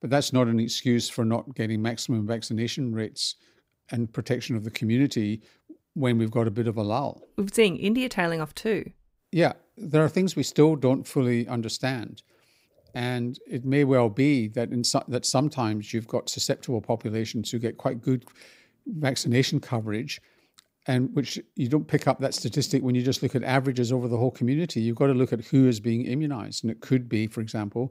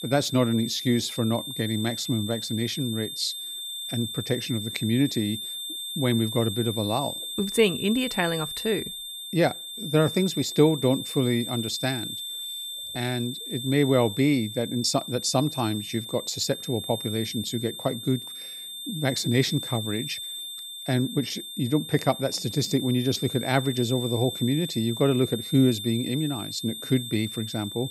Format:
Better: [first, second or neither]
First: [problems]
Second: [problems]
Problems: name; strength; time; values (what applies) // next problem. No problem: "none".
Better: first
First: none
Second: high-pitched whine; loud; throughout; 3.5 kHz, 7 dB below the speech